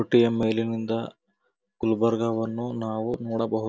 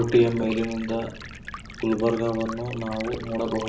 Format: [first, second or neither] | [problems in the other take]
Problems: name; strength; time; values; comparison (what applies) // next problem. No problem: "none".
first | background sound (Stream); 13 dB below the speech // room echo; dies away in 0.5 s